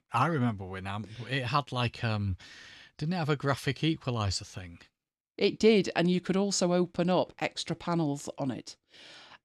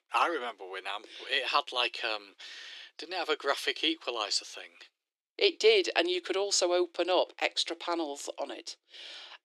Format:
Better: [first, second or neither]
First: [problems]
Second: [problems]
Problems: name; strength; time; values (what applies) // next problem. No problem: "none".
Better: first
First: none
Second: thin; very; fading below 350 Hz